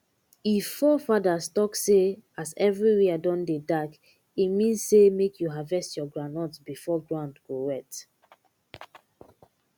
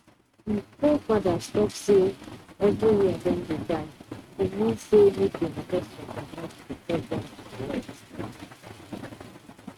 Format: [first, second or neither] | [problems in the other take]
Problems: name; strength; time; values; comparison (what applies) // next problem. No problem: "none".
first | noise reduction (neural mask model RNNoise)